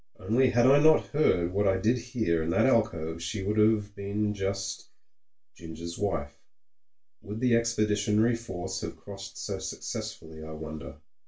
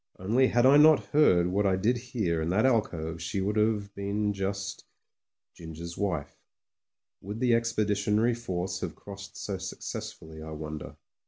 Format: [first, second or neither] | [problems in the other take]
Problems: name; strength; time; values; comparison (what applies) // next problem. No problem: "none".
second | room echo; dies away in 0.2 s